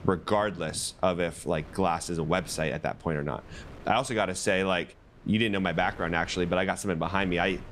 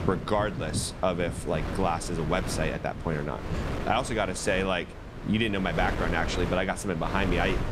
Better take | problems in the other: first | wind noise on the microphone; heavy; 9 dB below the speech; occasional gusts in the first

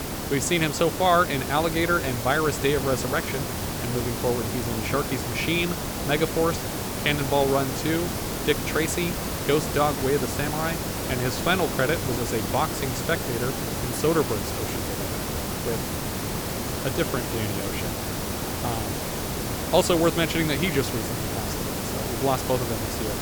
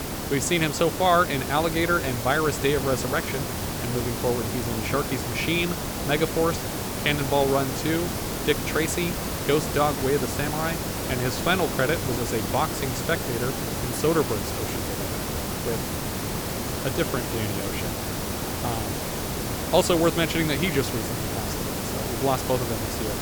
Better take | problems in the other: neither | hiss; loud; throughout; 3 dB below the speech; the same in both

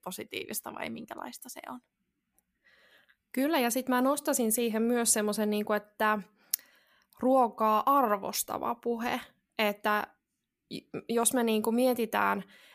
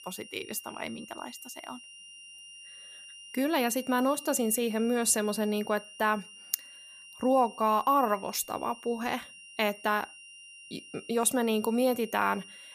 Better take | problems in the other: first | high-pitched whine; noticeable; throughout; 3 kHz, 15 dB below the speech

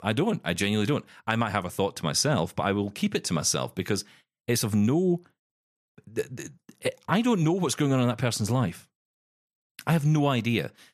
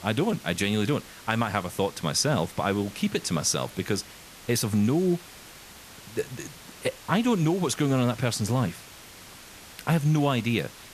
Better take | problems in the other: first | hiss; noticeable; throughout; 20 dB below the speech

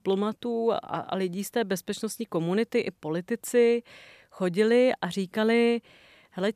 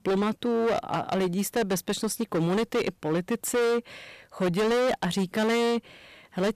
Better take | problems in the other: first | distortion; heavy; 23% of the sound clipped

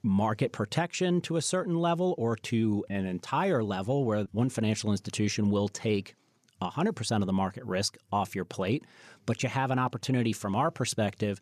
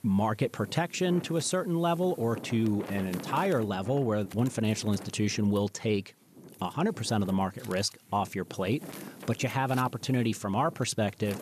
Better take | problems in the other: first | wind noise on the microphone; occasional gusts; 15 dB below the speech

